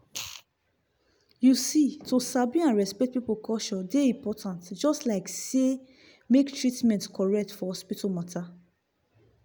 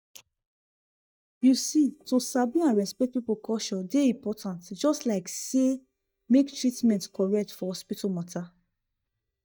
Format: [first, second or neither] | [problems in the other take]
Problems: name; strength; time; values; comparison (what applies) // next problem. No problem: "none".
first | noise reduction (neural mask model DeepFilterNet 3)